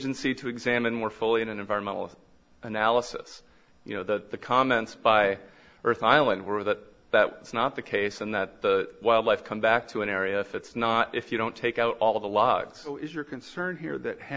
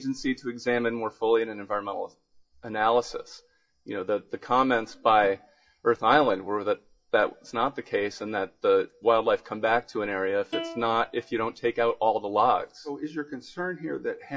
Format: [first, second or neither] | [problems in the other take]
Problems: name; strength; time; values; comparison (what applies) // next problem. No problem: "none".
first | noise reduction (classical method WPE with log-MMSE)